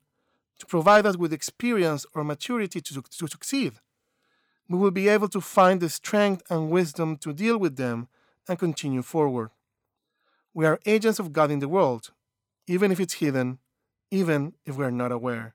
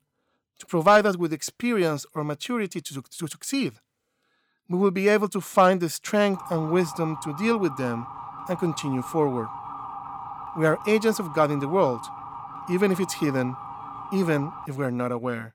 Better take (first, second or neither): first